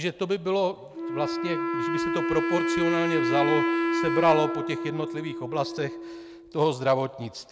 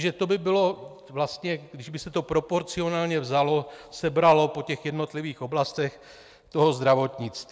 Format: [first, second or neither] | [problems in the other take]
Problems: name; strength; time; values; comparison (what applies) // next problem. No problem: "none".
second | background sound (Wind instrument, woodwind instrument); 1 dB below the speech